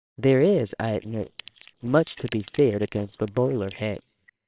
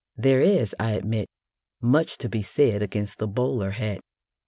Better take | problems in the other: second | noise reduction (neural separator model SepFormer WHAMR!)

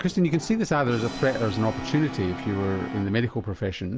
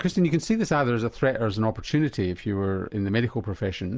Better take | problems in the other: second | background sound (Brass instrument); 11 dB below the speech

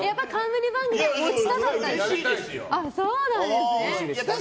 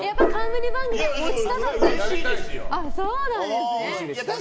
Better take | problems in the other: first | background sound (Gong); 4 dB above the speech

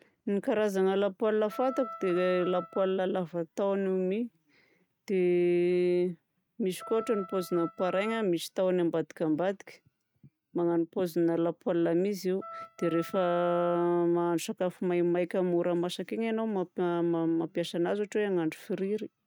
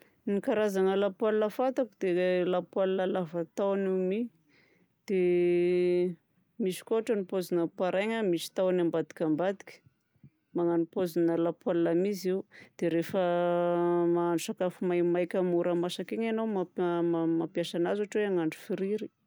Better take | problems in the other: second | noise reduction (neural mask model RNNoise)

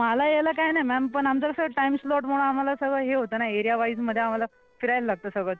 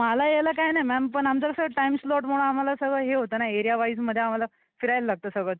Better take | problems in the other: second | noise reduction (neural separator model SepFormer DNS4)

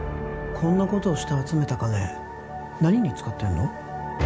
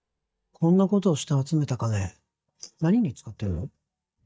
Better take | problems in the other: first | noise reduction (neural mask model DeepFilterNet 3)

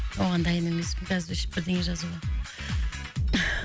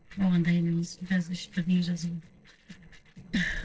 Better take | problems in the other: first | noise reduction (neural separator model SepFormer DNS4)

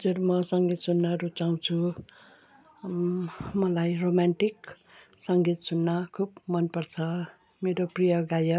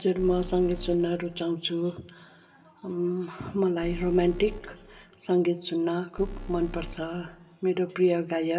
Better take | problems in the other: first | background sound (Alarm); 12 dB below the speech // room echo; dies away in 0.6 s

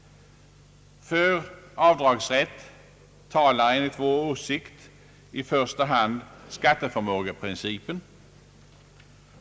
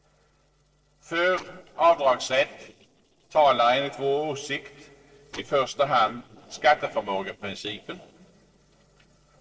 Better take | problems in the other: first | noise reduction (neural separator model SepFormer DNS4)

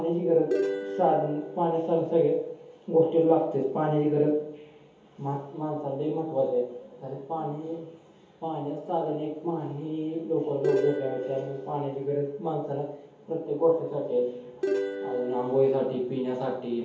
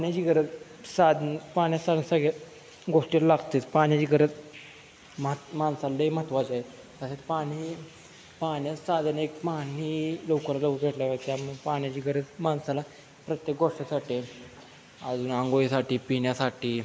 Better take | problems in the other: second | background sound (Plucked string instrument); 5 dB below the speech // room echo; dies away in 0.7 s

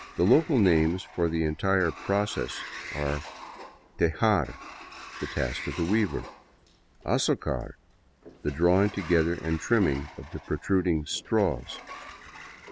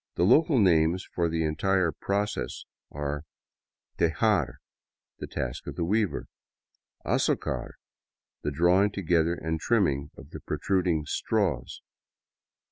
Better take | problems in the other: second | background sound (Sliding door); 16 dB below the speech

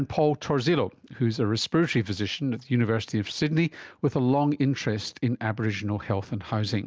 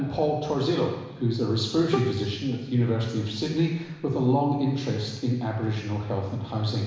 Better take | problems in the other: first | background sound (Bowed string instrument); 10 dB below the speech // room echo; dies away in 1 s

